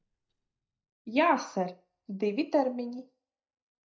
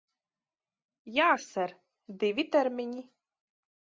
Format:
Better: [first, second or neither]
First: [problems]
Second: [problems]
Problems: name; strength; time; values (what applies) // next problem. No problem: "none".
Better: second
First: noise reduction (neural mask model DeepFilterNet 3)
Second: none